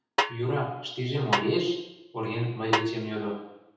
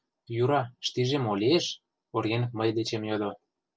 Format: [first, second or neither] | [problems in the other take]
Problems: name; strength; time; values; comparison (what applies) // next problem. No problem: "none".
second | background sound (Snare drum); 3 dB below the speech // room echo; dies away in 0.9 s